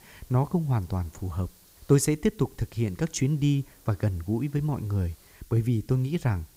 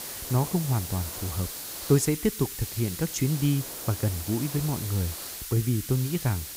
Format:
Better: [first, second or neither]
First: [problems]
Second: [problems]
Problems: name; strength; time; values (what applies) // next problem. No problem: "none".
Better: first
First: hiss; faint; throughout; 25 dB below the speech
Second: hiss; loud; throughout; 7 dB below the speech